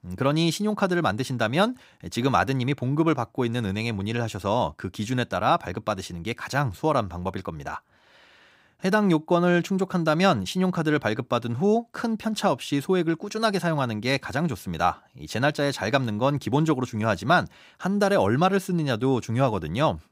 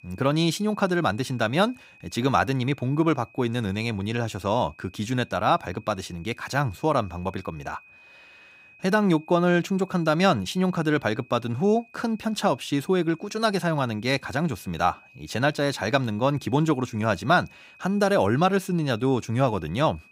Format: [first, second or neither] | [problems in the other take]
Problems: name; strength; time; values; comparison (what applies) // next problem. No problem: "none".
first | high-pitched whine; faint; throughout; 2.5 kHz, 25 dB below the speech